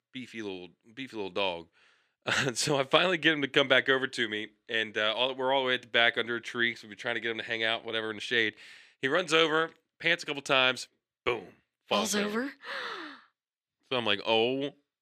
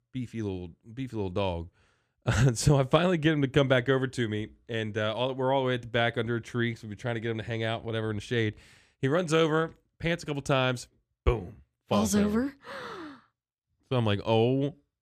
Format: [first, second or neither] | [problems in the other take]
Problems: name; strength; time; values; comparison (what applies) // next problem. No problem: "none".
second | thin; somewhat; fading below 300 Hz